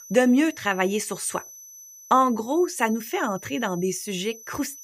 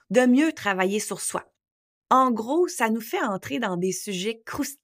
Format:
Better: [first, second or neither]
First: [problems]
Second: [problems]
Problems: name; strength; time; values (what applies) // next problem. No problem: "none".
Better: second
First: high-pitched whine; noticeable; throughout; 6 kHz, 20 dB below the speech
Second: none